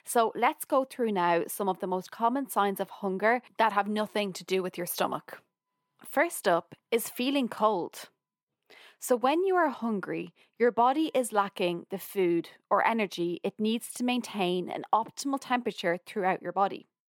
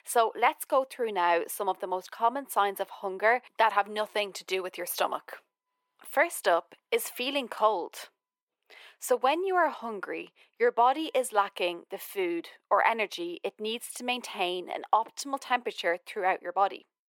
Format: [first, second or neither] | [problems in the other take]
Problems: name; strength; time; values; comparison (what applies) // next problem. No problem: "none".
first | thin; somewhat; fading below 500 Hz